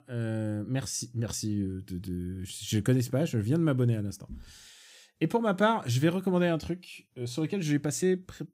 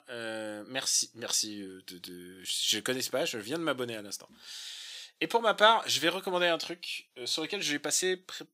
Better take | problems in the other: first | thin; very; fading below 600 Hz

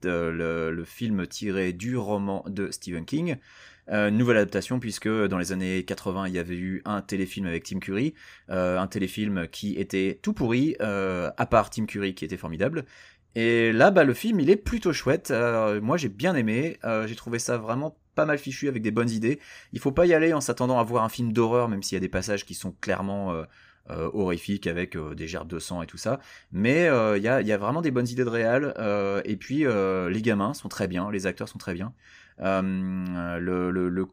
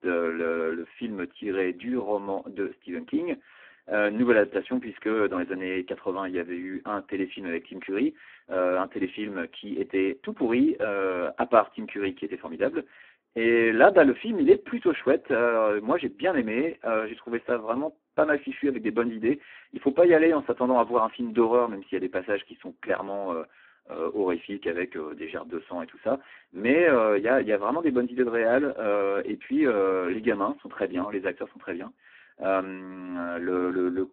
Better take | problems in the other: first | phone-call audio; poor line

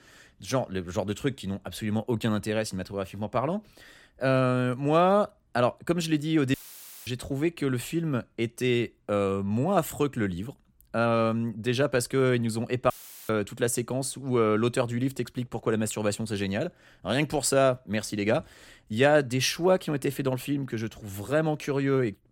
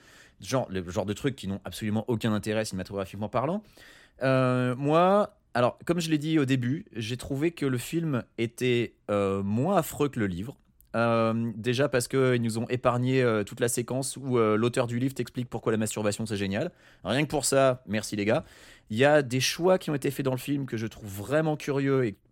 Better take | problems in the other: second | audio cutting out; filled with static; at 6.5 s for 0.5 s and at 13 s

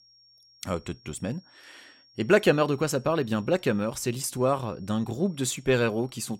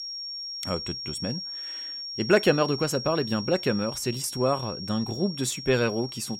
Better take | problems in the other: first | high-pitched whine; loud; throughout; 5.5 kHz, 7 dB below the speech; faint in the first

